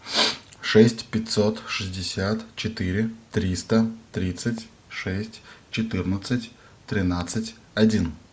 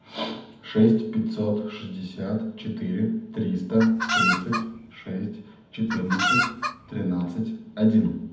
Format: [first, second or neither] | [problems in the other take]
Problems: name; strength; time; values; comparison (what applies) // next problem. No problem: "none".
first | background sound (Chicken, rooster); 1 dB below the speech // room echo; dies away in 0.8 s